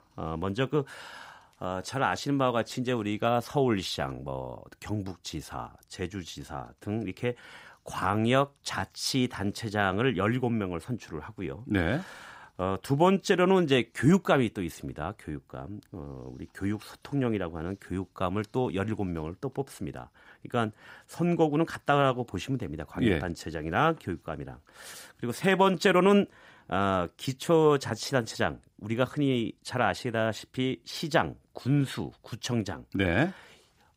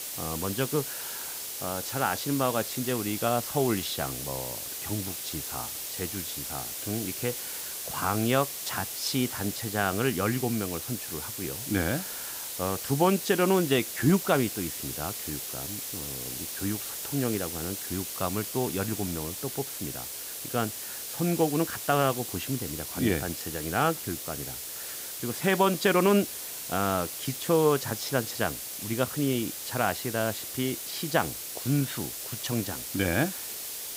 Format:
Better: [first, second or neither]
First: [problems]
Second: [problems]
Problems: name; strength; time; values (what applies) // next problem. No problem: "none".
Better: first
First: none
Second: hiss; loud; throughout; 4 dB below the speech